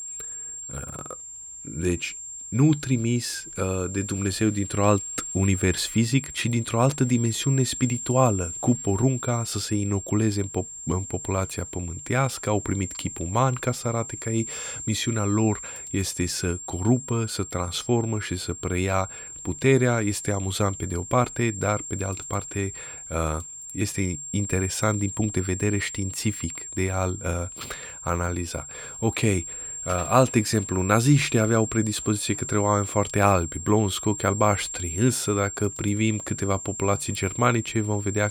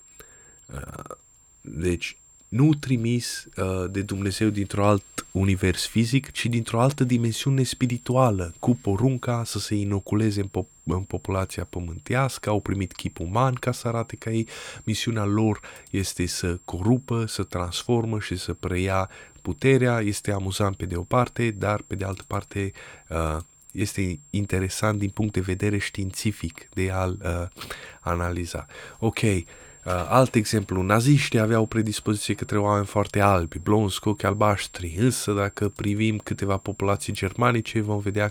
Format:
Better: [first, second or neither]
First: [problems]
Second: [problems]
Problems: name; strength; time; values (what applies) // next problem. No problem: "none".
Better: second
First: high-pitched whine; loud; throughout; 7.5 kHz, 9 dB below the speech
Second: high-pitched whine; faint; throughout; 7.5 kHz, 25 dB below the speech